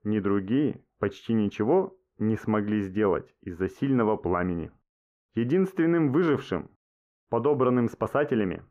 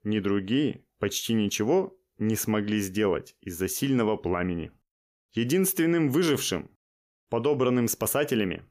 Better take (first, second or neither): second